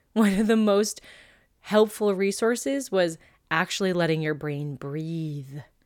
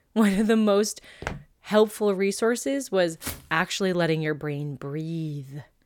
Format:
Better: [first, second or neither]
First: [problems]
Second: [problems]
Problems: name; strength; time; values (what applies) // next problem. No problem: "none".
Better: first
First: none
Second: footsteps; faint; at 1 s and at 3 s; peak 10 dB below the speech